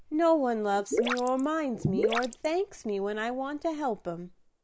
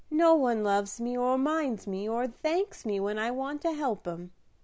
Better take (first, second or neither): second